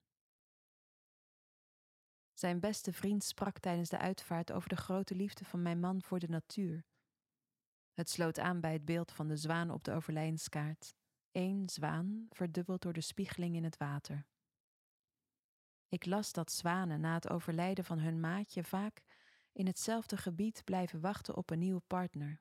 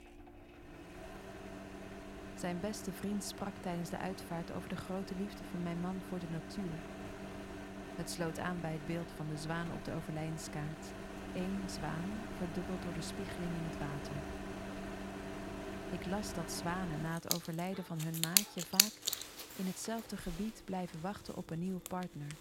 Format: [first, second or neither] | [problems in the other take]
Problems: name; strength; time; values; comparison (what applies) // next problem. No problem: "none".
first | household noises; very loud; throughout; 1 dB above the speech